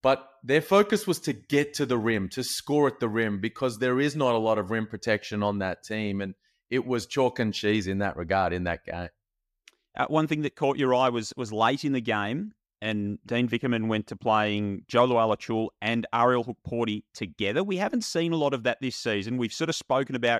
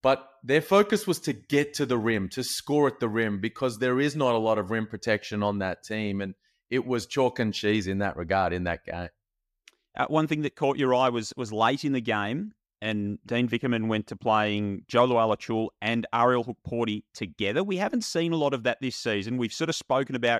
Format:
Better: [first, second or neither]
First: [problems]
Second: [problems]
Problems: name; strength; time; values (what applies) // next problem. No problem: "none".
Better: neither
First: none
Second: none